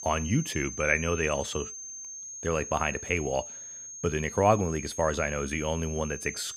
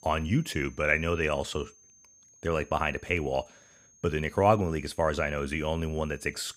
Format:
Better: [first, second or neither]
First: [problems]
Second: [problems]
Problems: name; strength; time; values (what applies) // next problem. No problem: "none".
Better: second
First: high-pitched whine; loud; throughout; 6.5 kHz, 9 dB below the speech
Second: high-pitched whine; faint; throughout; 6.5 kHz, 25 dB below the speech